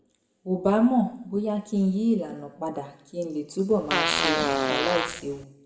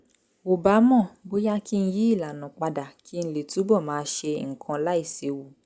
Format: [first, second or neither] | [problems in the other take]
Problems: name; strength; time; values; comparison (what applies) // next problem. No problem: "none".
second | background sound (Fart); as loud as the speech // room echo; dies away in 0.7 s